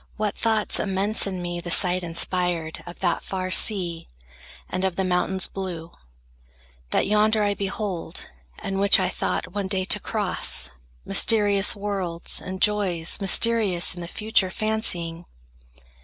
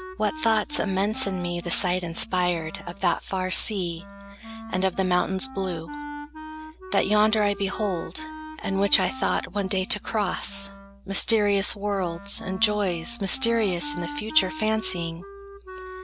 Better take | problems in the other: first | background sound (Wind instrument, woodwind instrument); 13 dB below the speech

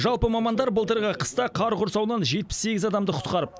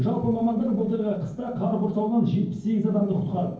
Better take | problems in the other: first | noise reduction (neural separator model SepFormer DNS4)

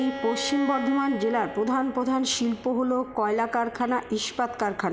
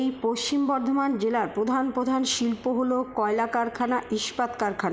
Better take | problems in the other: second | background sound (Bowed string instrument); 13 dB below the speech

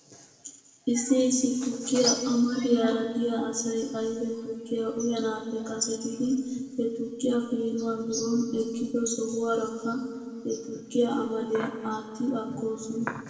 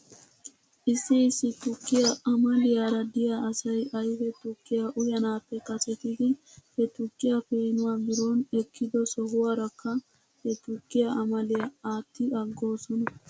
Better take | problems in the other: second | room echo; dies away in 2.1 s

